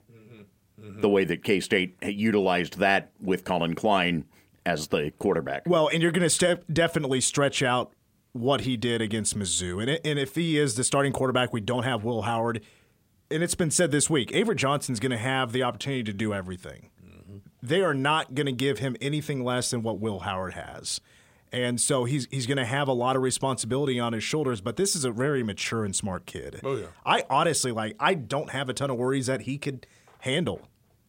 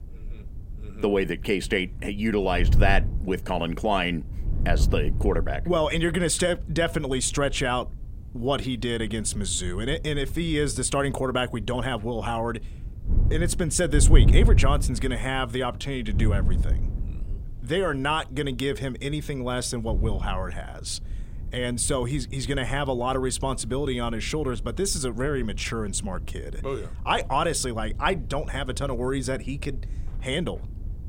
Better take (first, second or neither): first